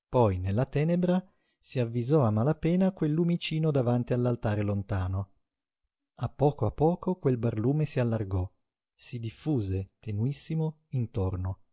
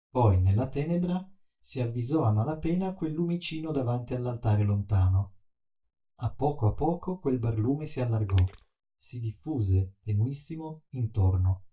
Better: first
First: none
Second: noise reduction (neural mask model DeepFilterNet 3)

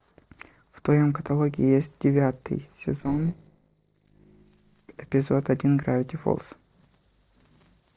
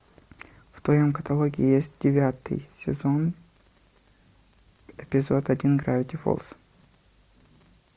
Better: second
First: noise reduction (neural separator model SepFormer DNS4)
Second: none

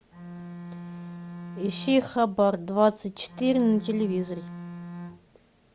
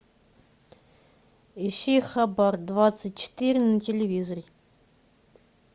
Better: second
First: background sound (Bowed string instrument); 12 dB below the speech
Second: none

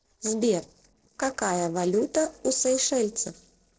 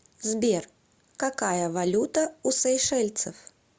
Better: second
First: noise reduction (neural separator model SepFormer DNS4)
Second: none

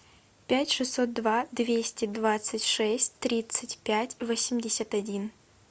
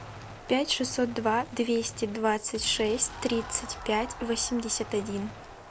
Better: first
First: none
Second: background sound (Crowd + Gunshot, gunfire); 14 dB below the speech

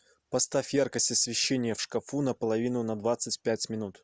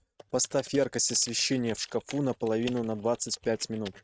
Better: first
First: none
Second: noise reduction (neural mask model RNNoise)

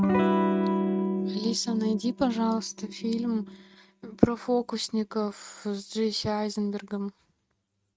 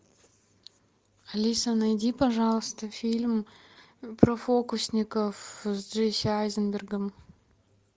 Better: second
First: noise reduction (neural mask model RNNoise)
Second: none

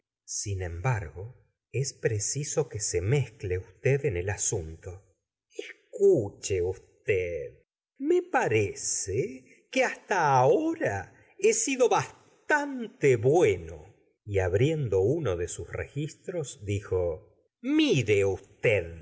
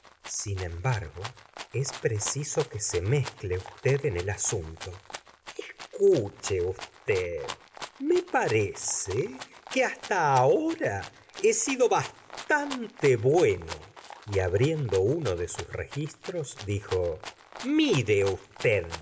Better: first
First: none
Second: background sound (Rattle (instrument)); 16 dB below the speech

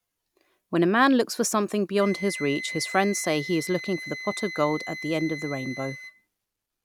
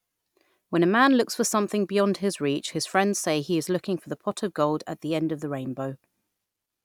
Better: second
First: background sound (Wind instrument, woodwind instrument); 12 dB below the speech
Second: none

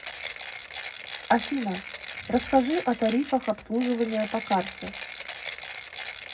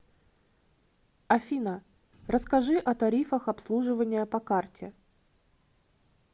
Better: second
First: background sound (Mechanisms); 10 dB below the speech // room echo; dies away in 0.3 s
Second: none

